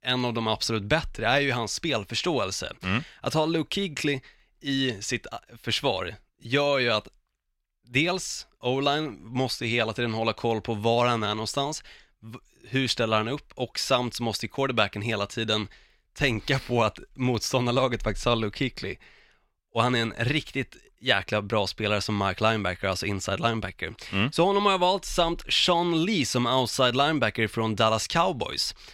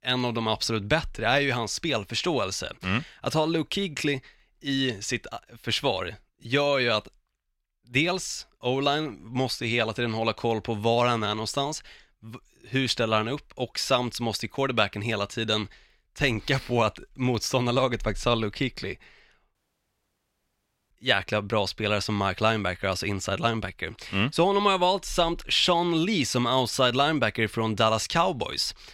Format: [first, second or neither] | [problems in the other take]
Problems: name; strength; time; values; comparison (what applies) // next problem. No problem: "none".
first | audio cutting out; at 20 s for 1.5 s